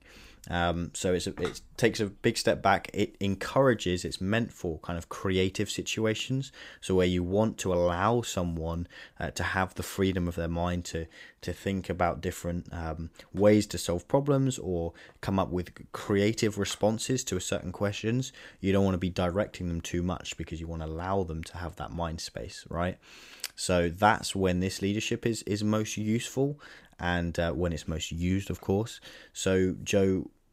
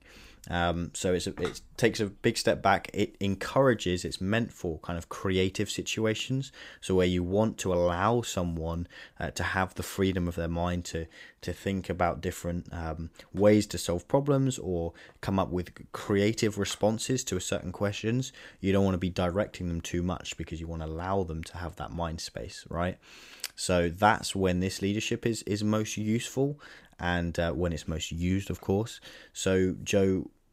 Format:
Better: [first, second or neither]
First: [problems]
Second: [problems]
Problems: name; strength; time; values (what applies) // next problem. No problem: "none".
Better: neither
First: none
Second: none